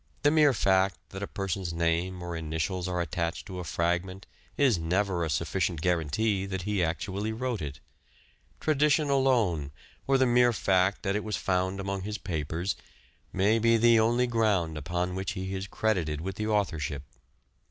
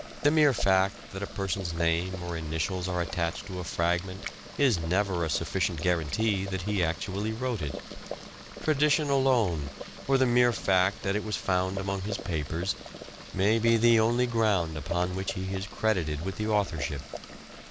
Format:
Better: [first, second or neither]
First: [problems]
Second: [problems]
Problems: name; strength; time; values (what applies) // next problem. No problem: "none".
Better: first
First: none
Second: background sound (Boiling); 13 dB below the speech